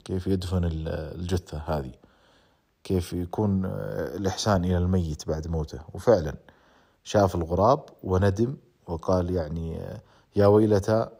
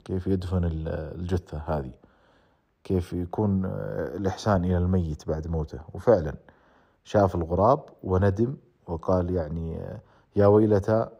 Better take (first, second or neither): first